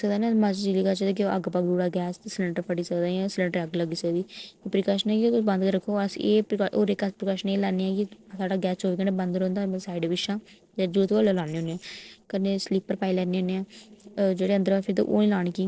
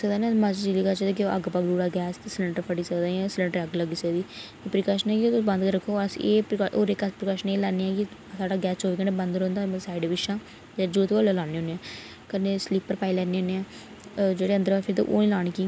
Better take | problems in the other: second | noise reduction (neural separator model SepFormer DNS4)

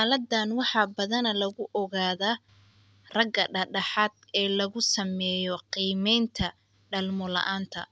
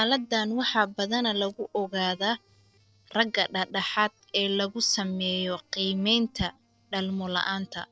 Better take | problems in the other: first | noise reduction (neural separator model SepFormer DNS4)

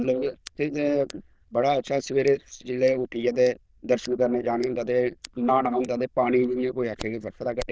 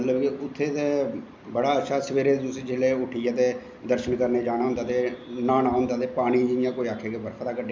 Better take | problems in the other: second | noise reduction (neural diffusion model UNIVERSE++)

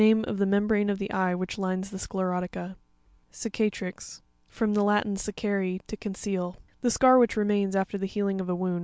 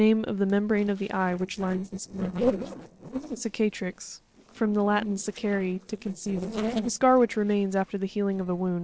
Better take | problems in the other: first | noise reduction (neural separator model SepFormer DNS4)

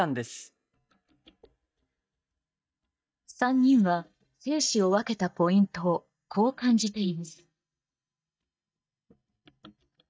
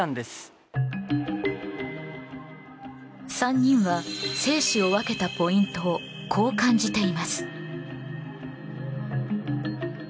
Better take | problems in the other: second | noise reduction (neural mask model DeepFilterNet 3)

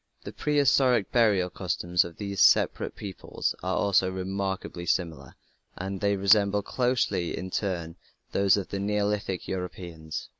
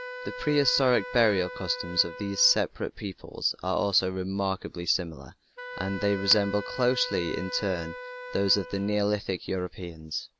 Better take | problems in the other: first | background sound (Wind instrument, woodwind instrument); 13 dB below the speech

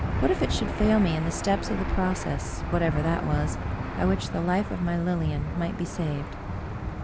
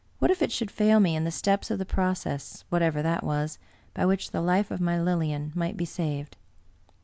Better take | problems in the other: second | background sound (Engine / Aircraft); 3 dB below the speech

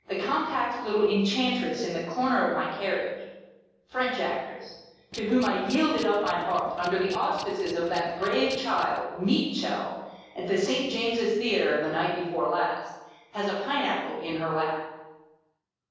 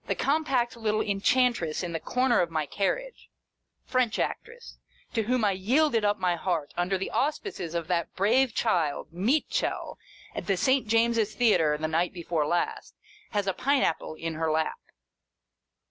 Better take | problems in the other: second | noise reduction (neural separator model SepFormer DNS4)

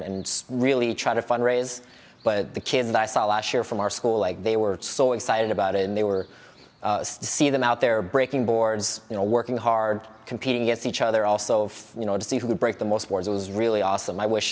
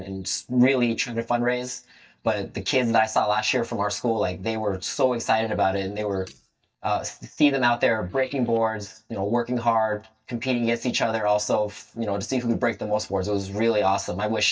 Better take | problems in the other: first | noise reduction (neural mask model DeepFilterNet 3)

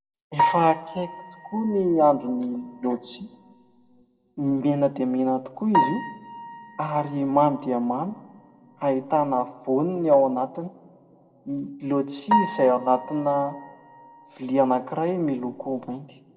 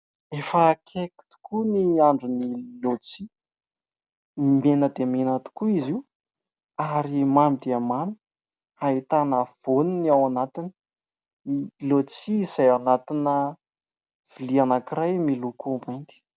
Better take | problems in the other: second | background sound (Piano); 6 dB below the speech // room echo; dies away in 1 s

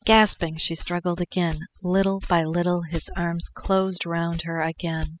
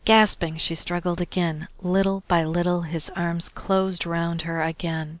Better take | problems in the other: second | noise reduction (classical method spectral subtraction)

